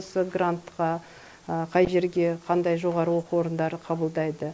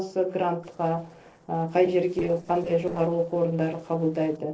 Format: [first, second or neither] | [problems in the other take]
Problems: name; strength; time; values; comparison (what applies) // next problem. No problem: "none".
first | noise reduction (neural separator model SepFormer DNS4)